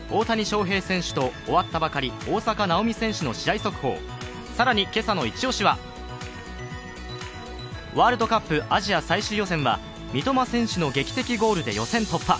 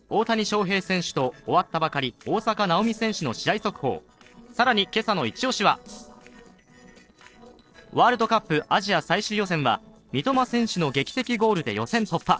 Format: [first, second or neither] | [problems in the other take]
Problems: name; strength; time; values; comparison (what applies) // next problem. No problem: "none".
first | noise reduction (neural separator model SepFormer DNS4)